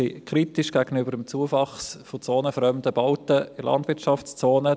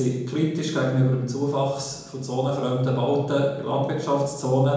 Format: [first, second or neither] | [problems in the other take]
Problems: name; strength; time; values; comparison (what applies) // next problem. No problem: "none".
first | room echo; dies away in 0.9 s